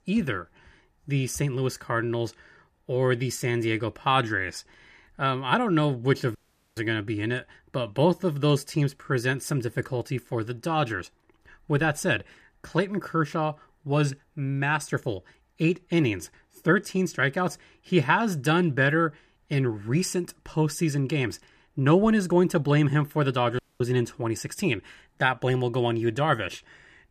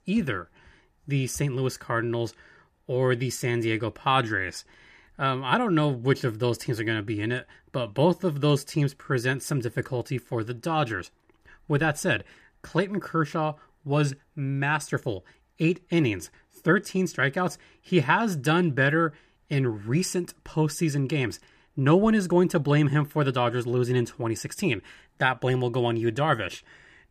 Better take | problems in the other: second | audio cutting out; at 6.5 s and at 24 s

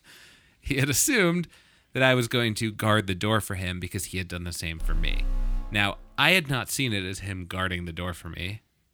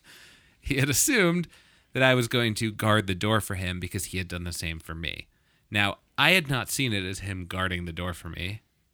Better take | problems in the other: second | alarm; noticeable; from 5 to 6 s; peak 6 dB below the speech

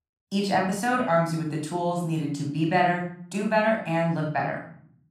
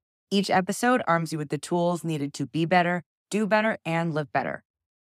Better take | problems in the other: second | off-mic speech; somewhat distant // room echo; noticeable; dies away in 0.5 s

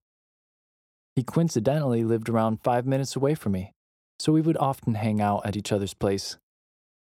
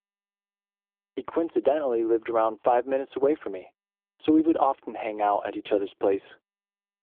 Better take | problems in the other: first | phone-call audio; poor line; nothing above 3.5 kHz

